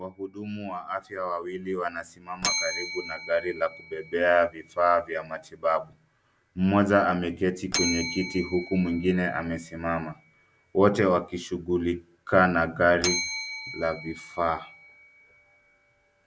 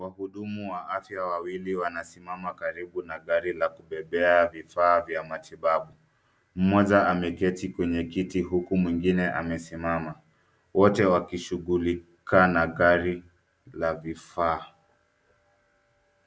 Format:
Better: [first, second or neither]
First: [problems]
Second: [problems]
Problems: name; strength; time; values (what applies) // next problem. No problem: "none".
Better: second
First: background sound (Bell); 11 dB below the speech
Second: none